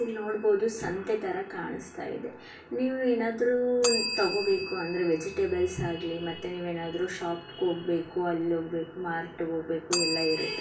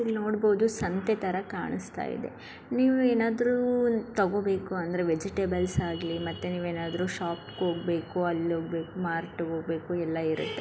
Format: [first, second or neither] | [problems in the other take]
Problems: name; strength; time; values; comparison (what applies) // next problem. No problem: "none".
second | background sound (Bell); 9 dB below the speech // room echo; dies away in 0.3 s